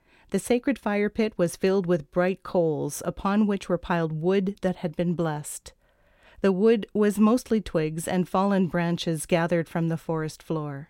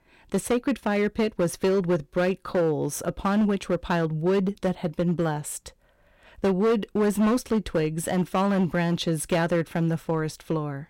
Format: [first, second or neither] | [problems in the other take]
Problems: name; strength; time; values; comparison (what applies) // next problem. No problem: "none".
first | distortion; slight; 9% of the sound clipped